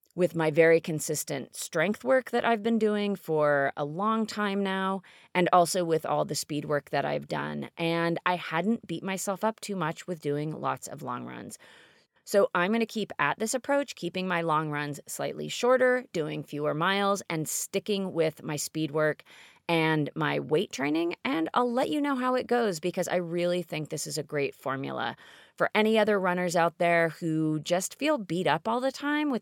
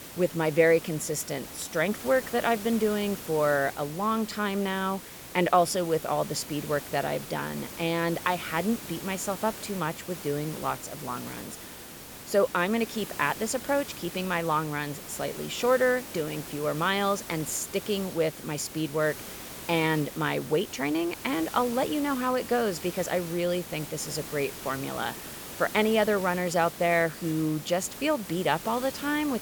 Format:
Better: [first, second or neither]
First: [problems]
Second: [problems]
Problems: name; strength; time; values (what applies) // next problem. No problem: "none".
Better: first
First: none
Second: hiss; noticeable; throughout; 10 dB below the speech